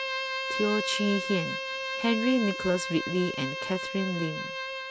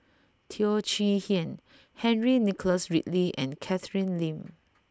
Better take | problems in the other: second | background sound (Bowed string instrument); 4 dB below the speech

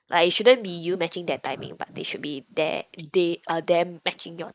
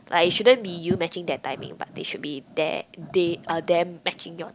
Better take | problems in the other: second | noise reduction (neural mask model Resemble Enhance denoiser)

